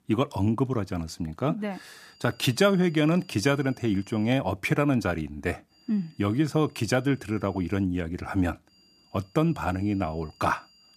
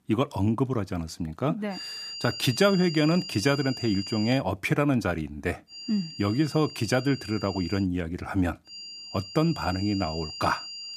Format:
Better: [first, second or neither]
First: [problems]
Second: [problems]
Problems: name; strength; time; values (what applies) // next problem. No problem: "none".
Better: first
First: high-pitched whine; faint; from 1.5 to 4.5 s, from 5.5 to 8 s and from 8.5 s on; 5 kHz, 30 dB below the speech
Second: high-pitched whine; loud; from 1.5 to 4.5 s, from 5.5 to 8 s and from 8.5 s on; 5 kHz, 10 dB below the speech